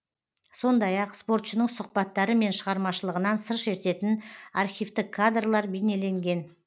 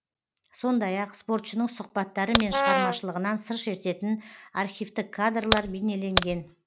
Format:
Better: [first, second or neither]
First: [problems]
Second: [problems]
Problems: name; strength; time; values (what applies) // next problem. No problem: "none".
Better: first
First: none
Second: background sound (Brass instrument + Crack); 2 dB above the speech